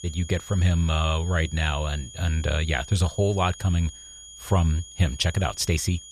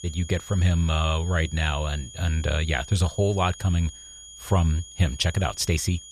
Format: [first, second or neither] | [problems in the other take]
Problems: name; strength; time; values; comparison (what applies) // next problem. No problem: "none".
neither | high-pitched whine; noticeable; throughout; 7 kHz, 15 dB below the speech; the same in both